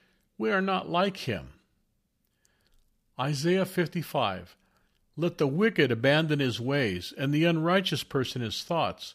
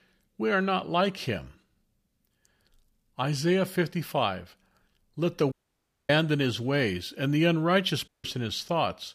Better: first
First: none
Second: audio cutting out; at 5.5 s for 0.5 s and at 8 s

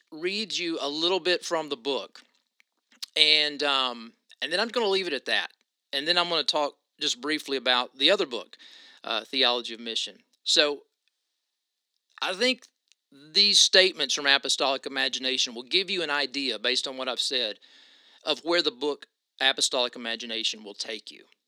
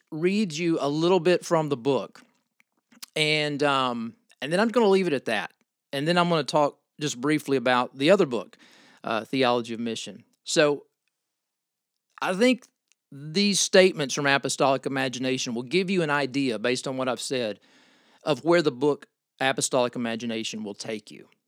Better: second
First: thin; very slightly; fading below 300 Hz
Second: none

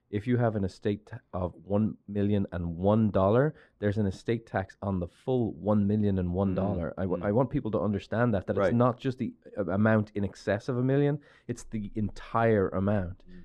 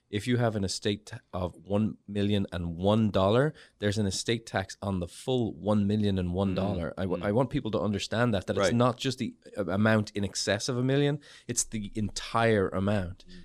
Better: second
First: muffled; very; fading above 3 kHz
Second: none

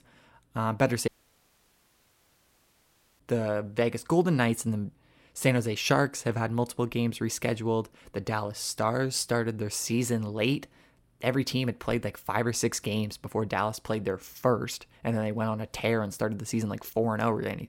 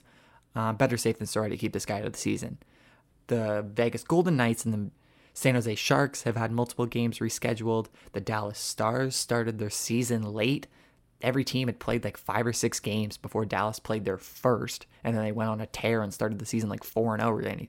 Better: second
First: audio cutting out; at 1 s for 2 s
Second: none

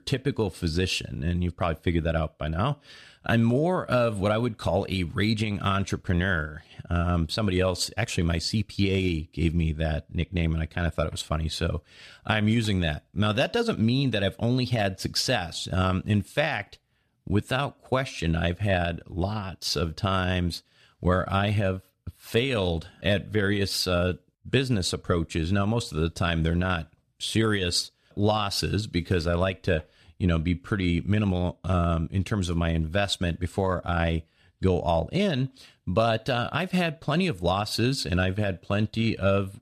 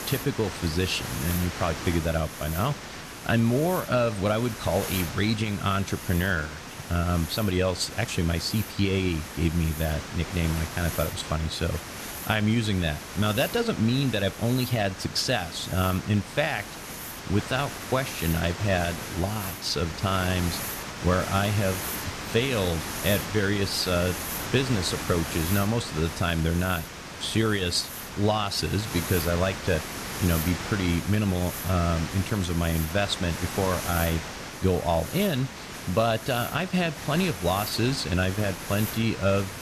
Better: first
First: none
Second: hiss; loud; throughout; 8 dB below the speech

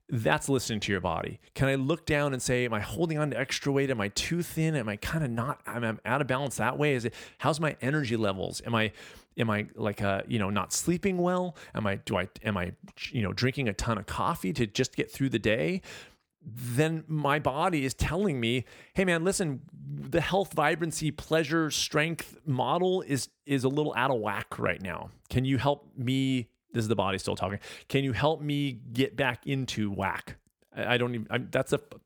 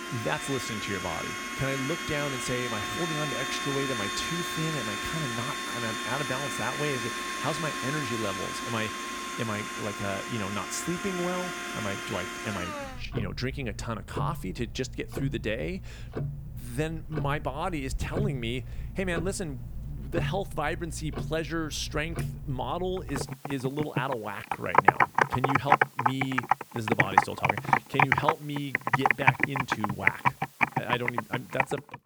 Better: first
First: none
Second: household noises; very loud; throughout; 4 dB above the speech

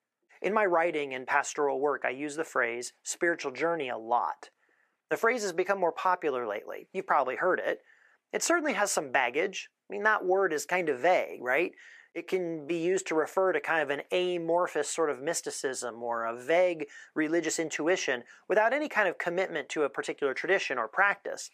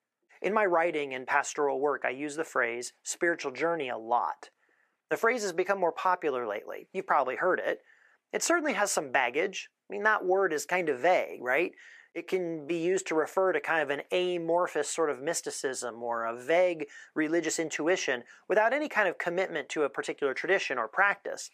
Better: neither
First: thin; somewhat; fading below 400 Hz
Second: thin; somewhat; fading below 400 Hz

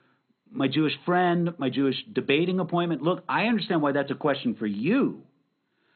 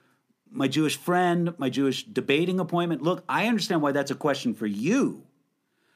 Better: second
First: garbled, watery; badly; nothing above 4 kHz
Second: none

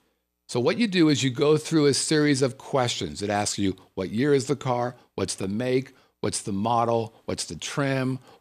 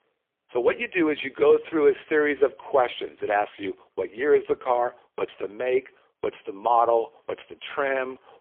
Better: first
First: none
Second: phone-call audio; poor line; nothing above 3.5 kHz

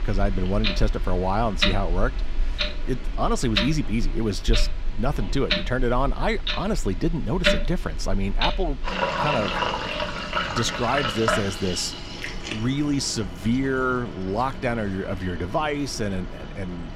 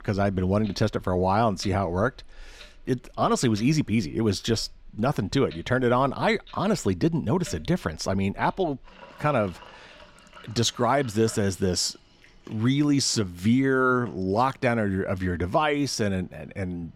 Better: second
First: household noises; loud; throughout; 2 dB below the speech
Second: household noises; faint; throughout; 25 dB below the speech

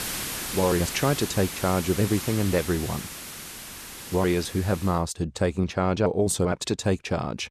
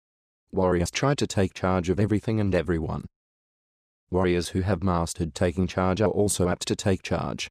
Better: second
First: hiss; loud; until 5 s; 8 dB below the speech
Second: none

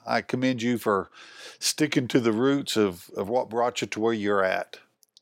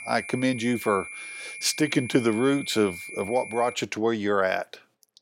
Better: first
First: none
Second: high-pitched whine; noticeable; until 3.5 s; 2.5 kHz, 10 dB below the speech

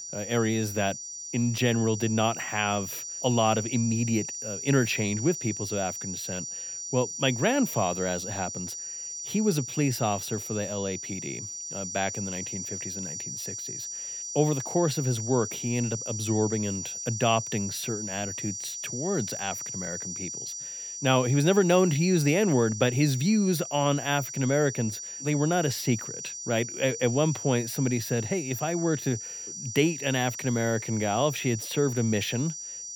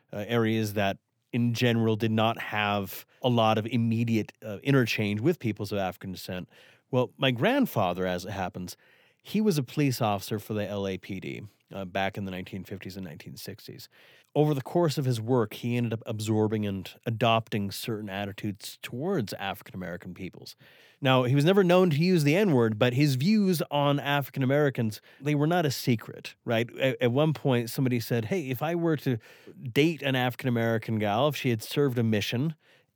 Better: second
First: high-pitched whine; loud; throughout; 6 kHz, 7 dB below the speech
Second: none

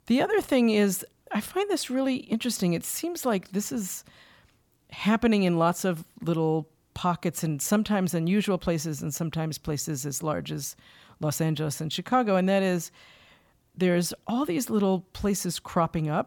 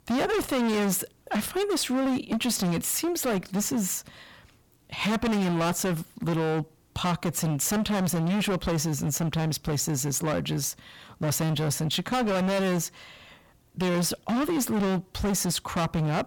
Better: first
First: none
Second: distortion; heavy; 27% of the sound clipped

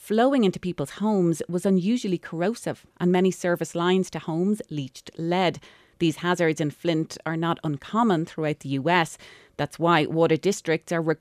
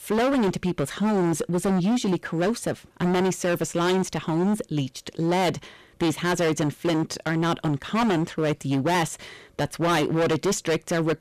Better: first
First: none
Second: distortion; heavy; 21% of the sound clipped

